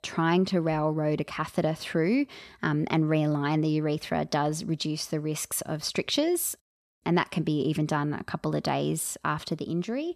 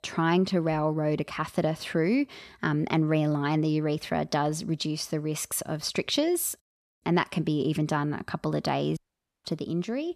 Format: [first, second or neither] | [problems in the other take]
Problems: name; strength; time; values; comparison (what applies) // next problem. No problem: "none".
first | audio cutting out; at 9 s